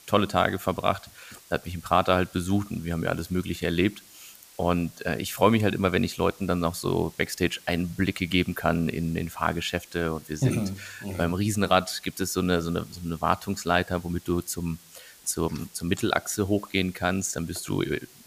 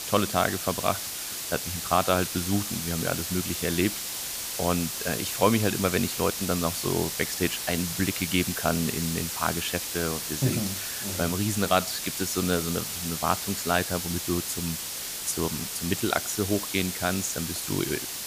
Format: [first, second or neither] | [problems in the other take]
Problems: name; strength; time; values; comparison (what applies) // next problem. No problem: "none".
first | hiss; loud; throughout; 2 dB below the speech; faint in the first